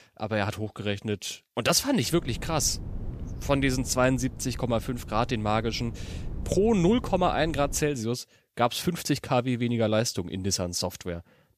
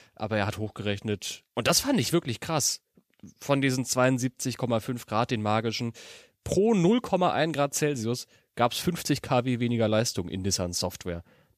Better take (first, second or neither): second